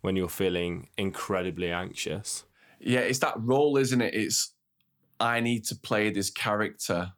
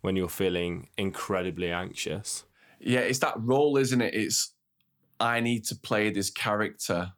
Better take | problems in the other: neither | none

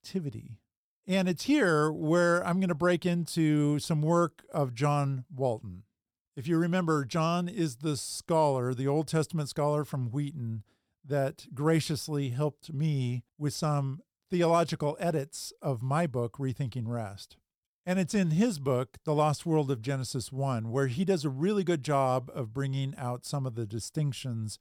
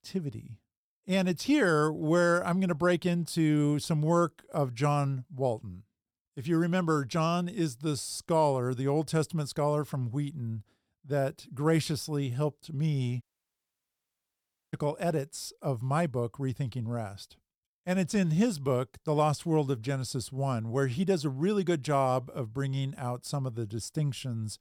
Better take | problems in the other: first | audio cutting out; at 13 s for 1.5 s

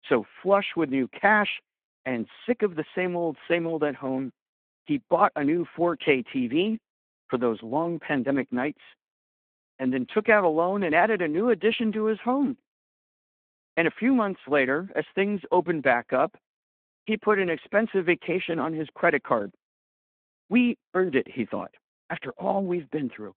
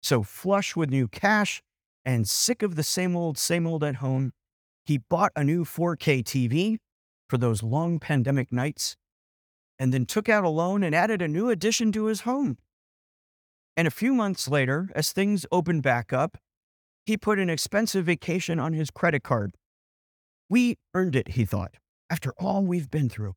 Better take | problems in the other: second | phone-call audio

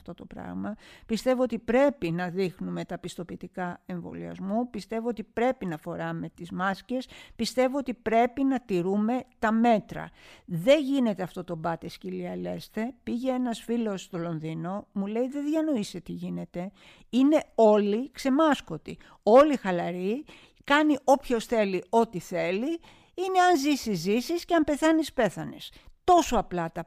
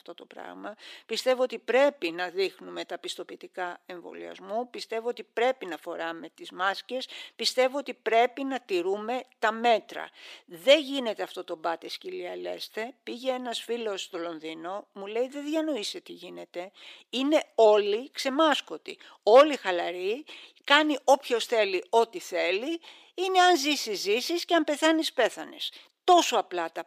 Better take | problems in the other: first | thin; somewhat; fading below 350 Hz

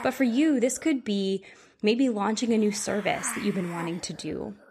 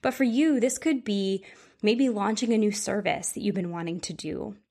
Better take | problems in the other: second | hiss; noticeable; throughout; 15 dB below the speech

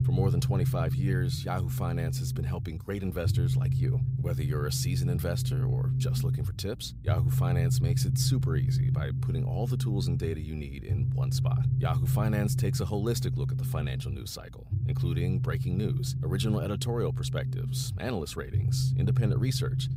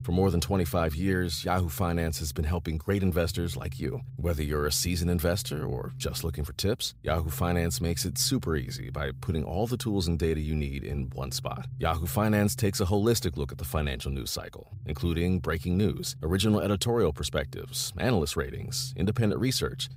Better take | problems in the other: second | low rumble; loud; throughout; 4 dB below the speech; faint in the second

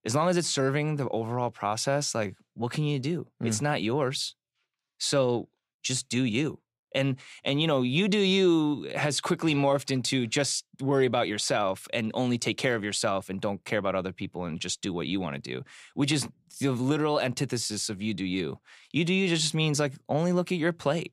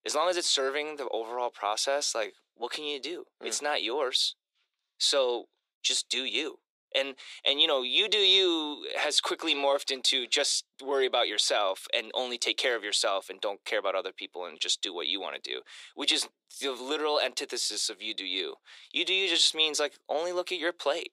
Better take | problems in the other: first | thin; very; fading below 350 Hz

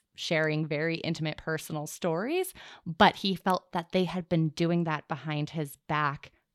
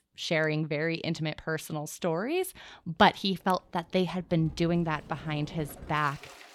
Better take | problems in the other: first | household noises; noticeable; throughout; 20 dB below the speech

